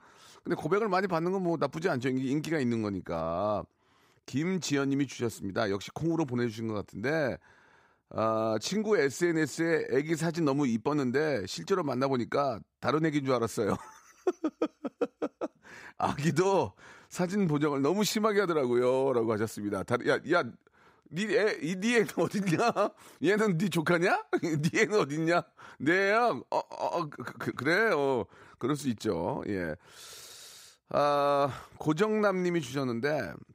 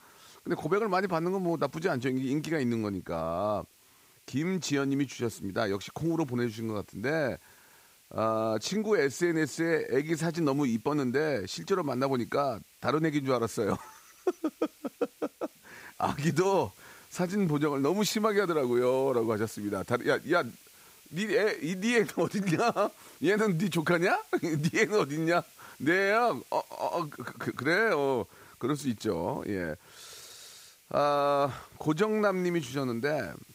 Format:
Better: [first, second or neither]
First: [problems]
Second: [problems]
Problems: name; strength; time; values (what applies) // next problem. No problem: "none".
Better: first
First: none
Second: hiss; faint; throughout; 25 dB below the speech